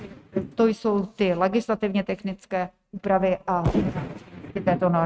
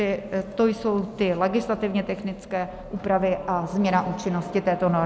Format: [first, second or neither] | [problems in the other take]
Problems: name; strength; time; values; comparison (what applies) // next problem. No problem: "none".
second | noise reduction (neural mask model RNNoise)